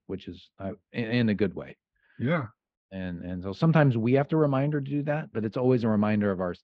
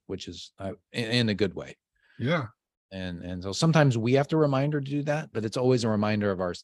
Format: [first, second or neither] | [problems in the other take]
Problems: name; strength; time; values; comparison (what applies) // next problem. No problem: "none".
second | muffled; slightly; fading above 2.5 kHz